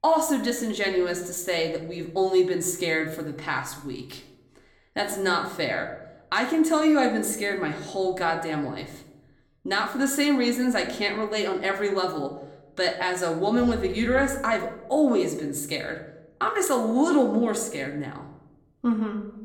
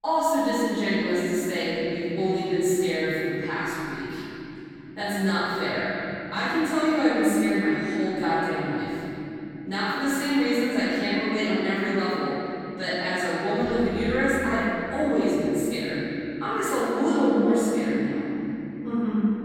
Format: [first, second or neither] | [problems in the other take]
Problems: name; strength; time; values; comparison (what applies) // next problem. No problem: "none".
first | room echo; strong; dies away in 3 s; slight in the first // off-mic speech; far